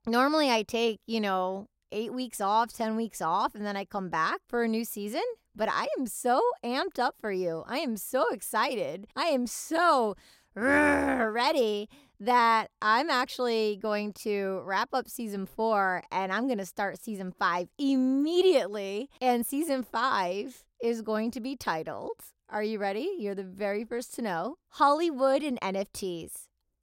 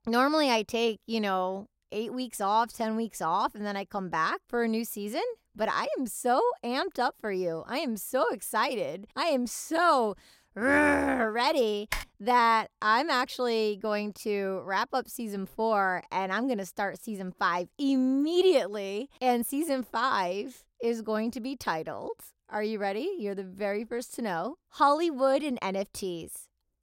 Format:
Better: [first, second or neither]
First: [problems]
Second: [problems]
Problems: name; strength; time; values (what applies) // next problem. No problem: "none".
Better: first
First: none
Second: keyboard typing; noticeable; at 12 s; peak 7 dB below the speech